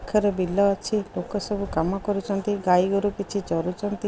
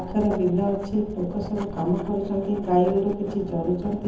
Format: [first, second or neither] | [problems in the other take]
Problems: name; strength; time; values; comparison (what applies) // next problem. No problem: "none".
first | background sound (Writing); 14 dB below the speech // room echo; dies away in 0.8 s